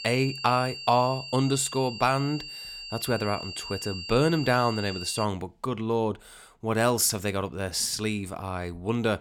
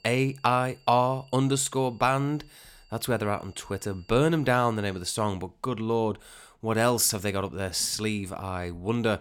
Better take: second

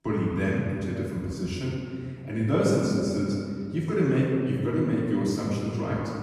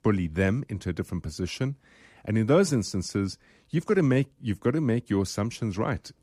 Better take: second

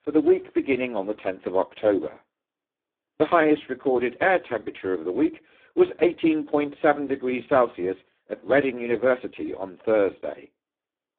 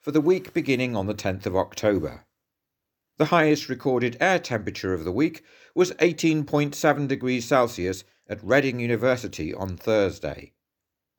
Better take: second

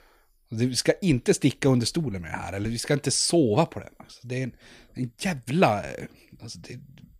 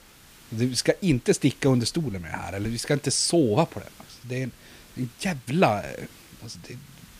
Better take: first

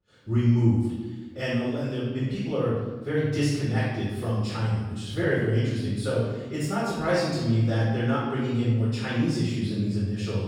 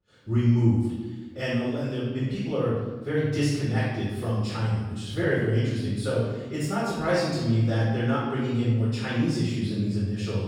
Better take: neither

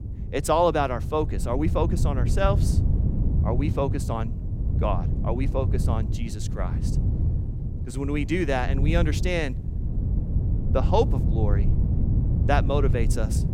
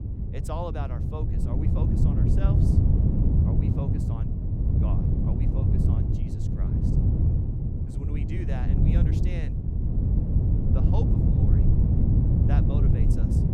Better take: first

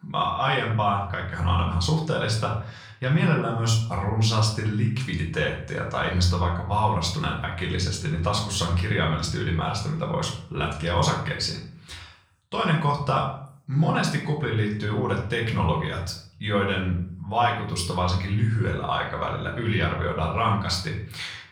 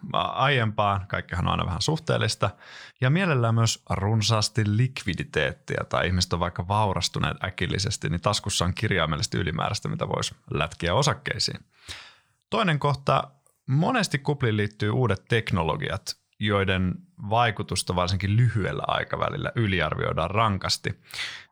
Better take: second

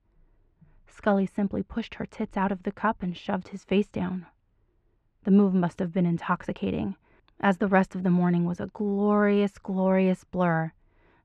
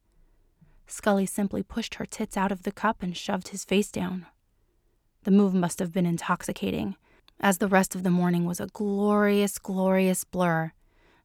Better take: second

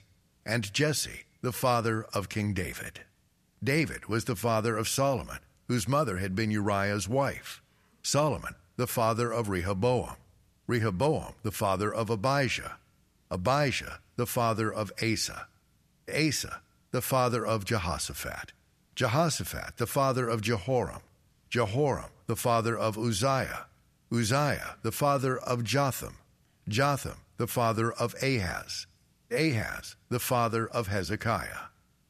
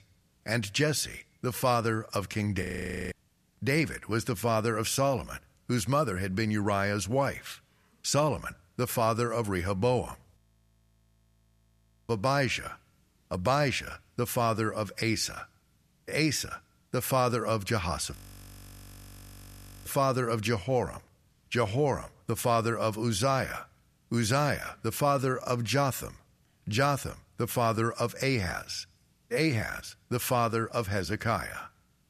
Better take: first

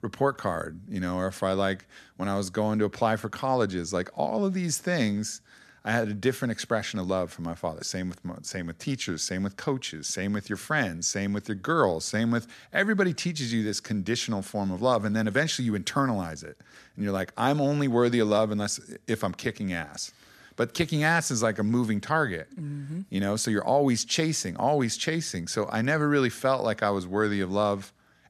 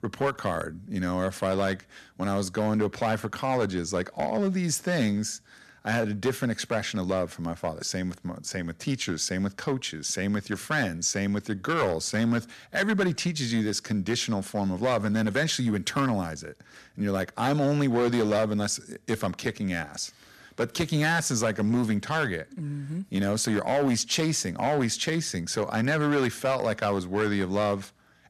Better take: first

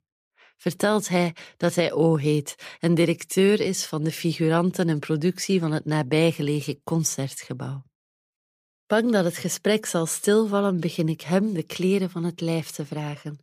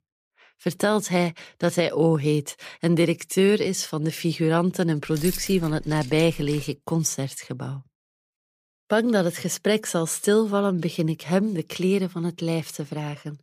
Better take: first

